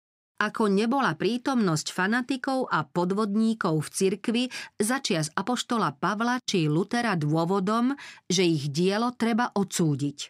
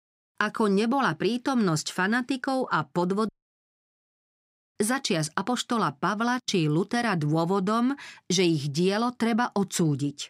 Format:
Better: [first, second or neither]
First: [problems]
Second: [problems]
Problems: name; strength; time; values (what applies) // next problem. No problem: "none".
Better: first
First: none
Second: audio cutting out; at 3.5 s for 1.5 s